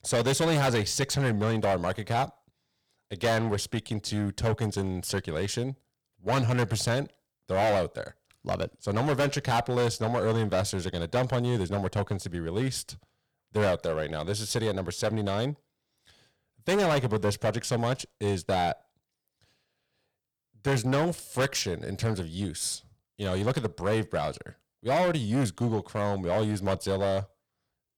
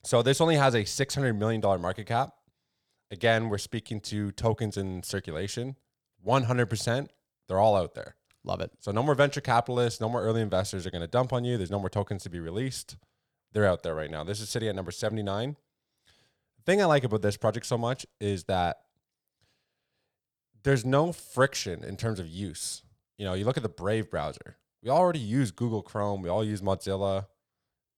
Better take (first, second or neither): second